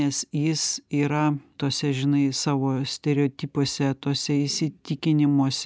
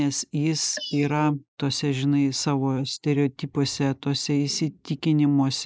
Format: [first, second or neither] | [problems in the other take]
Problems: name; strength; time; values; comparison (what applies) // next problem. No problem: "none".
first | noise reduction (neural mask model Resemble Enhance denoiser)